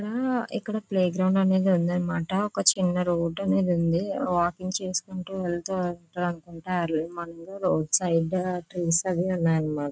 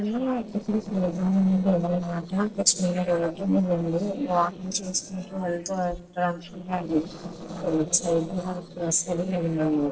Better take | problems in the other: first | noise reduction (neural separator model SepFormer DNS4)

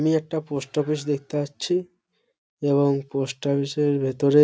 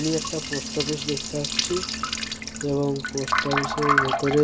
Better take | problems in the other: first | background sound (Liquid); as loud as the speech

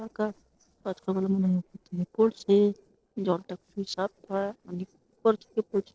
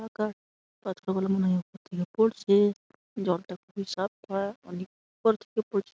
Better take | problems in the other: second | noise reduction (neural separator model SepFormer DNS4)

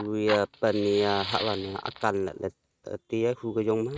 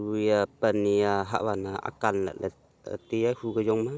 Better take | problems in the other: second | noise reduction (neural mask model RNNoise)

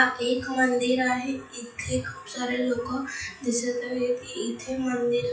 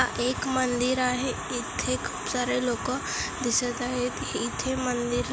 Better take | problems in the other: second | noise reduction (classical method WPE with log-MMSE)

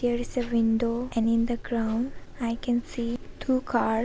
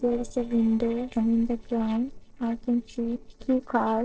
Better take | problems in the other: first | noise reduction (neural separator model SepFormer DNS4)

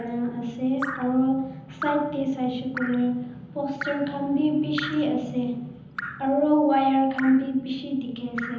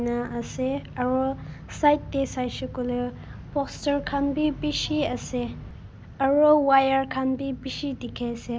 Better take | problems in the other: second | background sound (Drip); 14 dB below the speech // room echo; dies away in 0.9 s

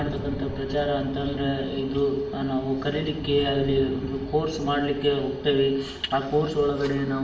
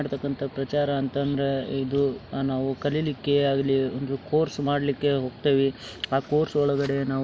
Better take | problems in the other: second | background sound (Thunder); 14 dB below the speech // room echo; dies away in 0.8 s

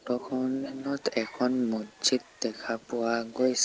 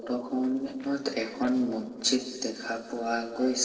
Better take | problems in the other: first | noise reduction (neural separator model SepFormer DNS4)

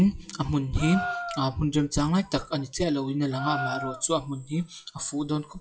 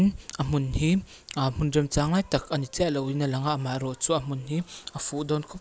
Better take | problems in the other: second | noise reduction (classical method WPE with log-MMSE)

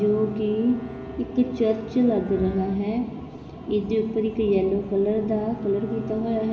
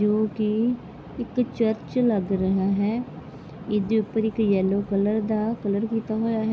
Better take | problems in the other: second | background sound (Bowed string instrument); 18 dB below the speech // room echo; dies away in 1 s

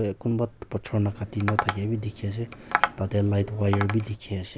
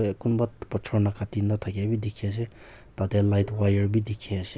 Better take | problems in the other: second | background sound (Tap); 5 dB below the speech

